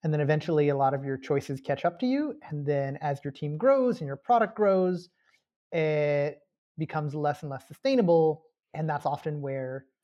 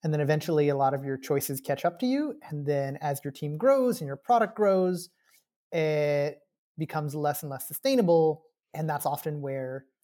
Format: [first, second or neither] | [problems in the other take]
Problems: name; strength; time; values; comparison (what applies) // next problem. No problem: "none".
second | muffled; very slightly; fading above 3 kHz